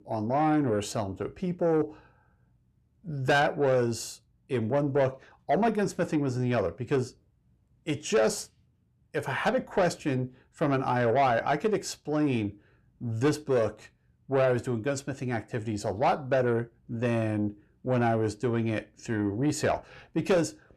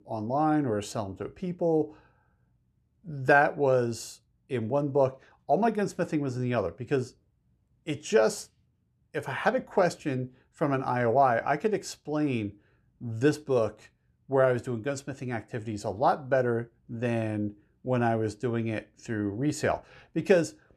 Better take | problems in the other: second | distortion; slight; 10 dB below the speech

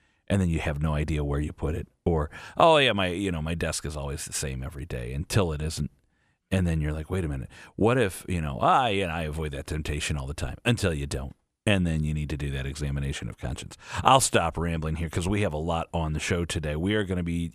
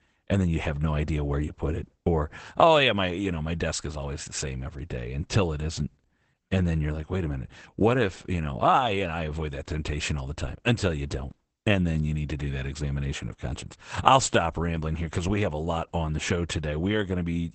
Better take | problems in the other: first | garbled, watery; badly; nothing above 8 kHz

